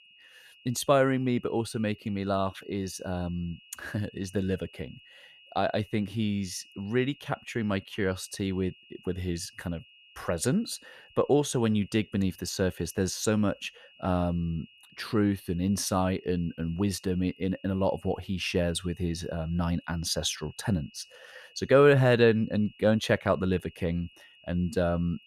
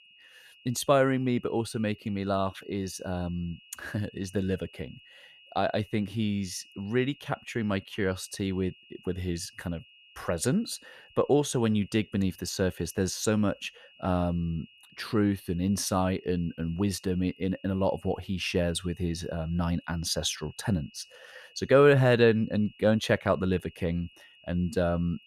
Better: neither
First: high-pitched whine; faint; throughout; 3 kHz, 25 dB below the speech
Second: high-pitched whine; faint; throughout; 3 kHz, 25 dB below the speech

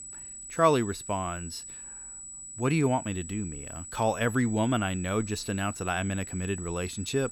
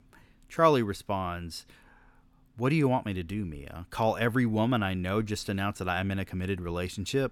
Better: second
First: high-pitched whine; noticeable; throughout; 8 kHz, 10 dB below the speech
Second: none

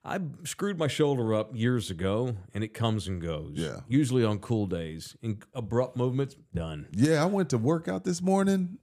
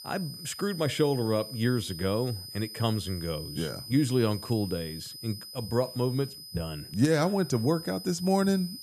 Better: first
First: none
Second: high-pitched whine; noticeable; throughout; 5 kHz, 10 dB below the speech

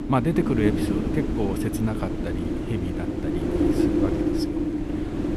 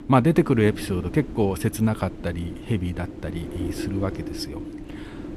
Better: second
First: wind noise on the microphone; heavy; 3 dB above the speech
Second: wind noise on the microphone; occasional gusts; 10 dB below the speech

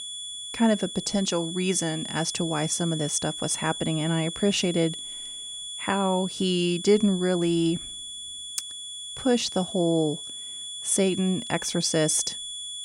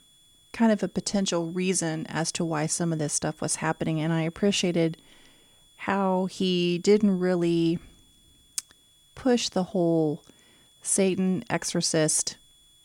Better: second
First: high-pitched whine; loud; throughout; 3.5 kHz, 8 dB below the speech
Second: high-pitched whine; faint; throughout; 3.5 kHz, 30 dB below the speech

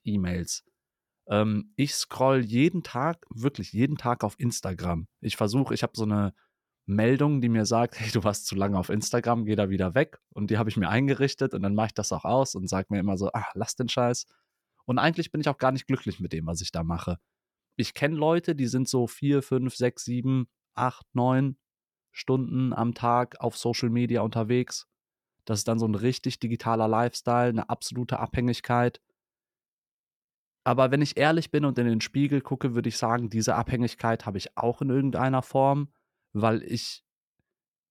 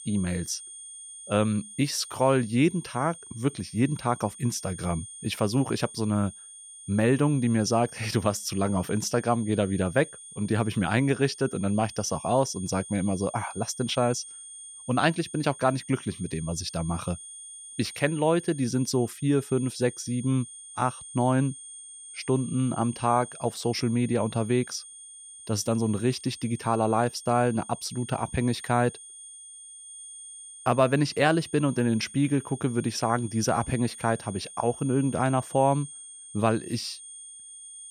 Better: first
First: none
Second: high-pitched whine; noticeable; throughout; 9 kHz, 15 dB below the speech

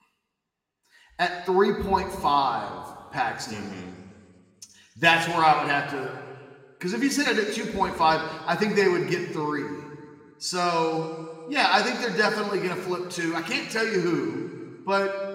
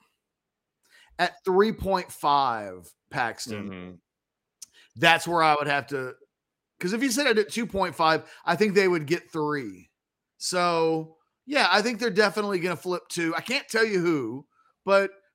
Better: second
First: room echo; slight; dies away in 1.7 s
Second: none

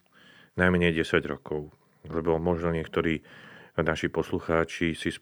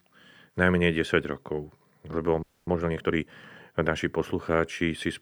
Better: first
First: none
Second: audio freezing; at 2.5 s

